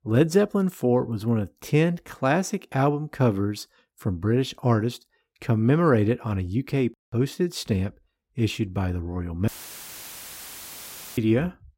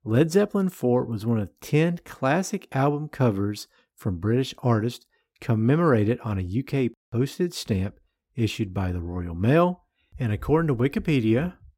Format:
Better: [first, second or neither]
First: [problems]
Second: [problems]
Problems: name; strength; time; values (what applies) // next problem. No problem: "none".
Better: second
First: audio cutting out; filled with static; at 9.5 s for 1.5 s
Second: none